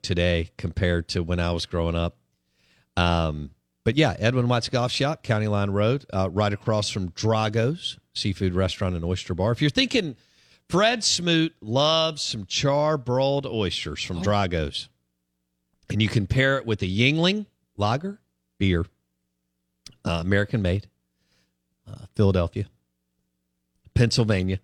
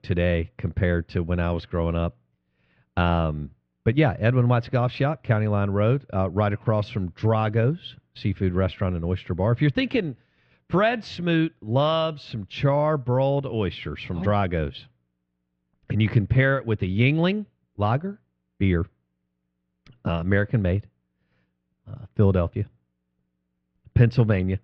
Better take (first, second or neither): first